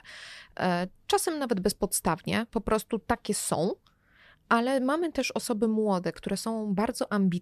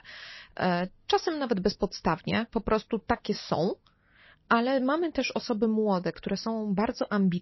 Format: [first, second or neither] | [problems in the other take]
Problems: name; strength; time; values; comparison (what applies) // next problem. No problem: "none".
first | garbled, watery; slightly; nothing above 5.5 kHz